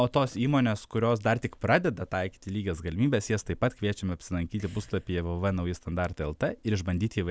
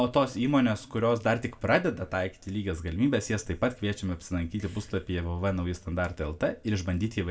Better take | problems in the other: first | room echo; dies away in 0.3 s

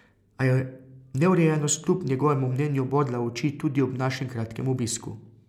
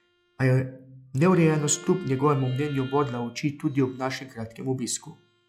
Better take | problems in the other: first | noise reduction (classical method log-MMSE)

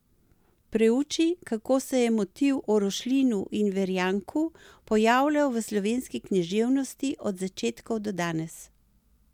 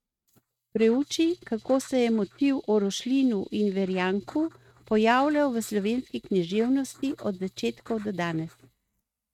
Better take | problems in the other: first | noise reduction (neural mask model RNNoise)

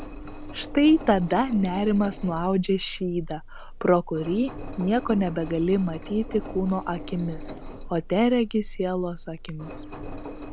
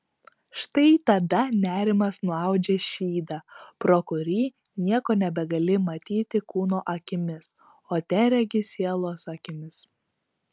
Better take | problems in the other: second | background sound (Engine); 11 dB below the speech

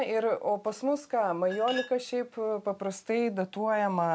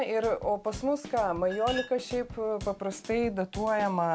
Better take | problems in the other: first | background sound (Drum kit); 15 dB below the speech

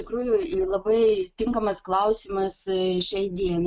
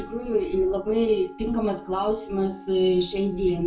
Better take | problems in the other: first | background sound (Wind instrument, woodwind instrument); 20 dB below the speech // room echo; dies away in 0.3 s

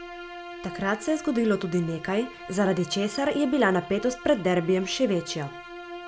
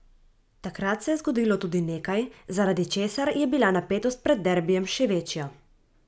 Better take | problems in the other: second | background sound (Bowed string instrument); 15 dB below the speech

